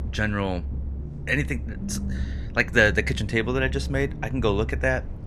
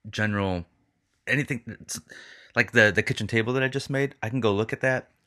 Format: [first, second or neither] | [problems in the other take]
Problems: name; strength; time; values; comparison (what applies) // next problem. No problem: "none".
second | low rumble; faint; throughout; 20 dB below the speech